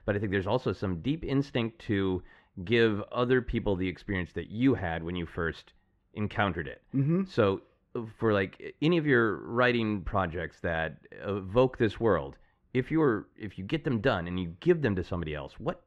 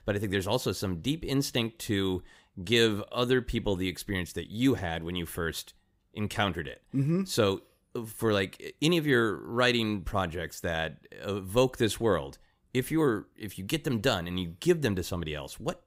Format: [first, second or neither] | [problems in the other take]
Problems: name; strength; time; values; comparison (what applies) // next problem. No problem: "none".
second | muffled; very; fading above 2 kHz